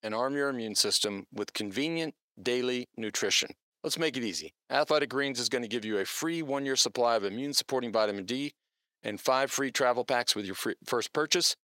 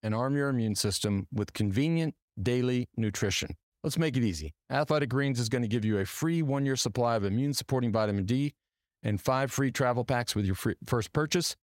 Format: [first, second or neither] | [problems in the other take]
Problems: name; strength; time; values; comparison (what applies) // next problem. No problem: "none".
second | thin; somewhat; fading below 400 Hz